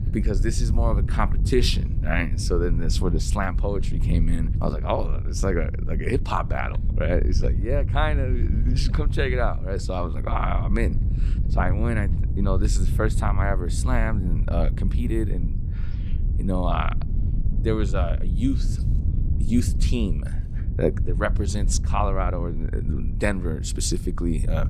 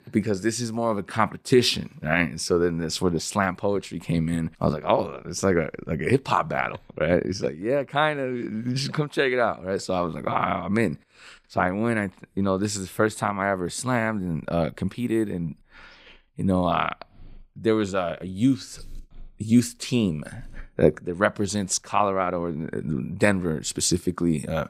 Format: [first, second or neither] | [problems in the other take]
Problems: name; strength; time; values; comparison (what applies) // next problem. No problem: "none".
second | wind noise on the microphone; occasional gusts; 10 dB below the speech